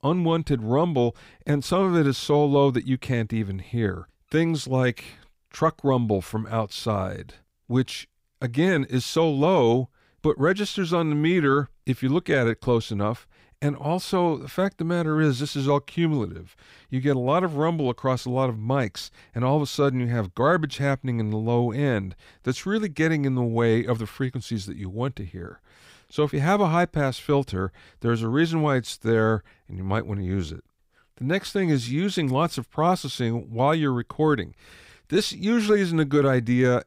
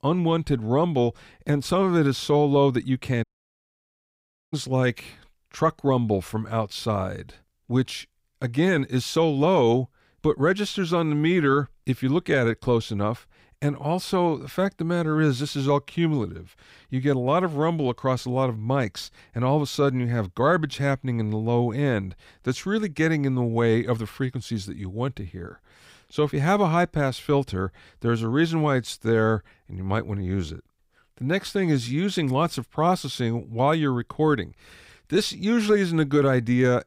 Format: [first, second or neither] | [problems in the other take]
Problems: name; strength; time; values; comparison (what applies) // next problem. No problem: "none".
first | audio cutting out; at 3 s for 1.5 s